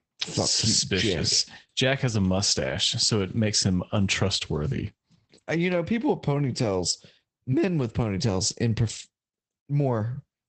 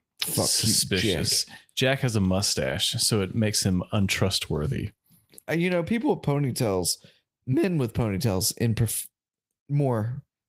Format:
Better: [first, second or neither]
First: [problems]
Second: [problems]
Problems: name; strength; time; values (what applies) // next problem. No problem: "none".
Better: second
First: garbled, watery; badly; nothing above 8 kHz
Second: garbled, watery; slightly; nothing above 15.5 kHz